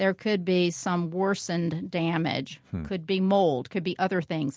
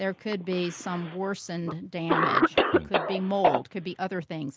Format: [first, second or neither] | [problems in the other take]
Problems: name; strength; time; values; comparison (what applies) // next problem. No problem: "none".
first | background sound (Cough); 2 dB above the speech